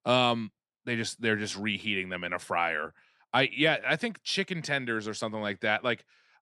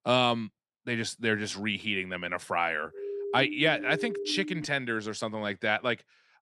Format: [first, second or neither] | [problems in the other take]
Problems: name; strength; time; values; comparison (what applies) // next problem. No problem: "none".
first | siren; noticeable; from 3 to 4.5 s; peak 6 dB below the speech